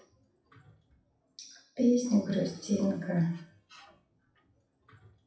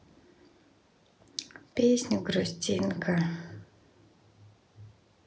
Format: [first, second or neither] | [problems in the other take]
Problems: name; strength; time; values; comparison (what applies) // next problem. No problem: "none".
second | noise reduction (classical method WPE with log-MMSE)